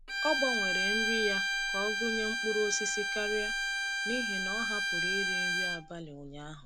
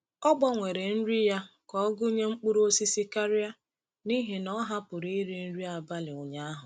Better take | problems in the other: second | background sound (Bowed string instrument); 4 dB above the speech

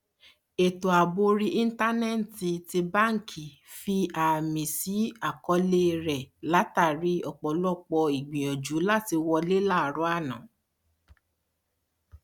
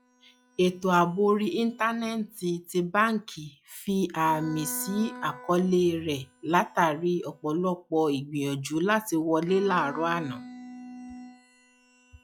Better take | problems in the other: first | noise reduction (classical method log-MMSE)

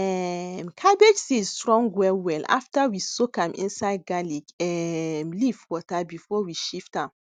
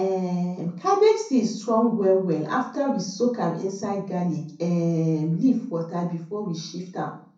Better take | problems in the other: first | room echo; dies away in 0.5 s

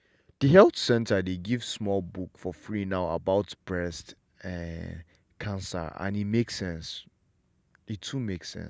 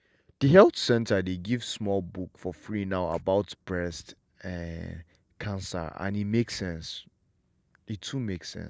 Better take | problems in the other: first | noise reduction (neural separator model SepFormer DNS4)

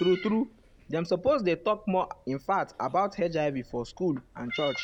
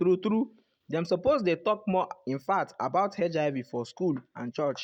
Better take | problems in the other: second | background sound (Meow); 17 dB below the speech

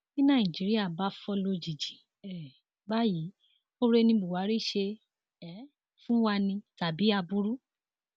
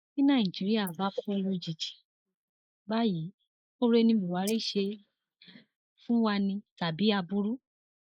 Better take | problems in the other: first | noise reduction (neural mask model Resemble Enhance denoiser)

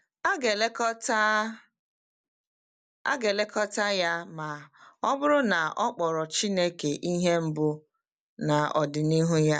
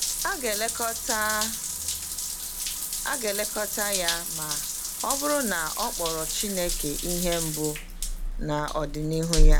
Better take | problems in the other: first | background sound (Drip / Trickle, dribble / Bathtub (filling or washing) / Water tap, faucet); 4 dB above the speech

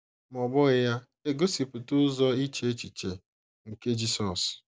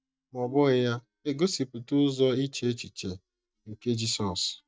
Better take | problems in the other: first | noise reduction (neural mask model DeepFilterNet 3)

